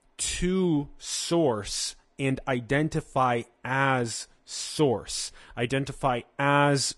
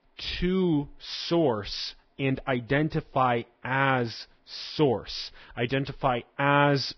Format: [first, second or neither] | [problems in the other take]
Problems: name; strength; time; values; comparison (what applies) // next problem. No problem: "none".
first | garbled, watery; badly; nothing above 5.5 kHz; slightly in the first